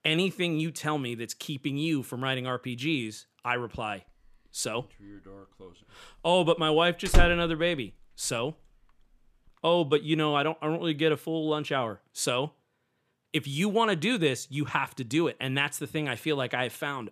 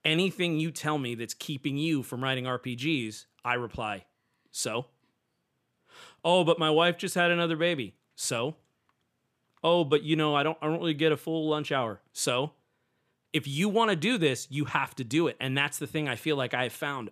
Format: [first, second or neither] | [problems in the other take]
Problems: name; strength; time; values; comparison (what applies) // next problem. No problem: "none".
second | door banging; loud; at 7 s; peak 1 dB above the speech